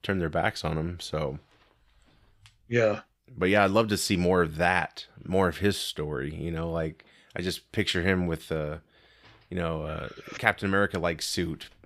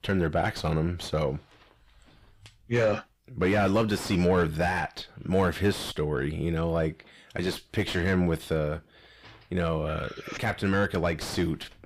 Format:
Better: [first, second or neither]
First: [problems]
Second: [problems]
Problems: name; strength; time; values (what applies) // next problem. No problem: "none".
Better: first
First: none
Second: distortion; heavy; 6 dB below the speech